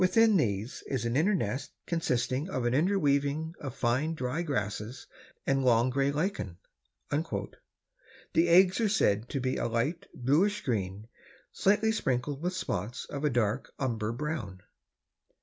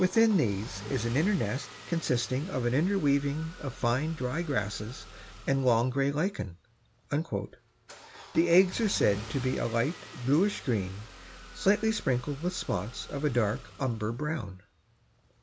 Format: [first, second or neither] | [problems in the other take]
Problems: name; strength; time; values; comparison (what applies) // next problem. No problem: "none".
first | background sound (Engine starting / Car); 17 dB below the speech